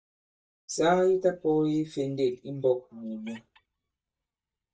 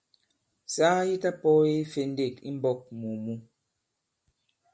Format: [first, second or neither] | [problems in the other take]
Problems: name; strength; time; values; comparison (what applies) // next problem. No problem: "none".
second | noise reduction (neural mask model DeepFilterNet 3)